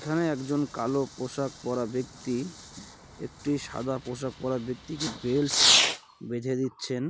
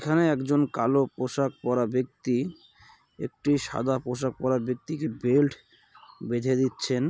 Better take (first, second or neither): second